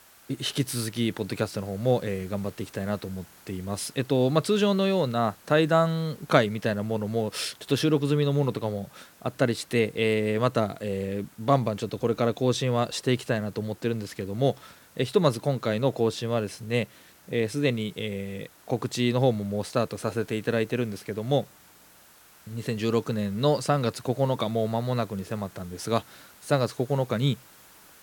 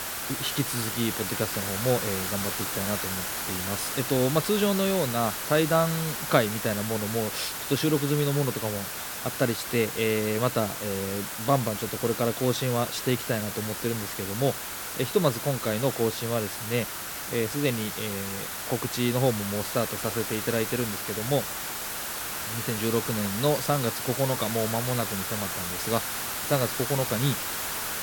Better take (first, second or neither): first